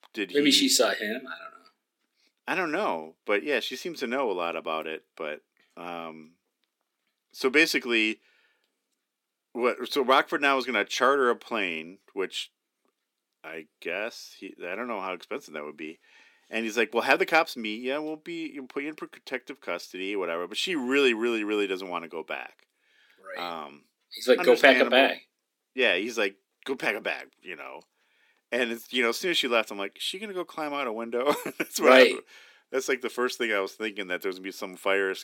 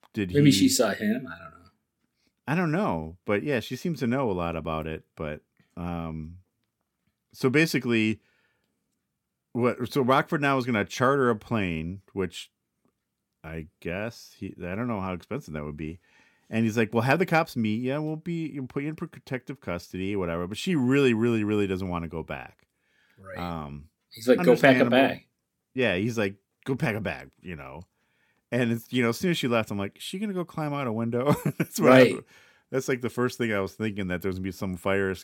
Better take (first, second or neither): second